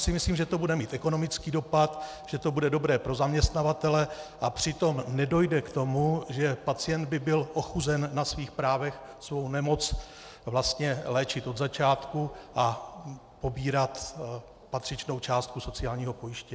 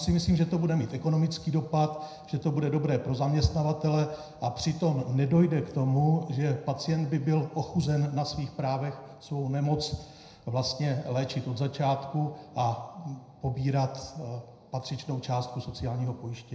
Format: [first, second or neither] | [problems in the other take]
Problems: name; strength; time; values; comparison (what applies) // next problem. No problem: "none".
first | room echo; dies away in 0.7 s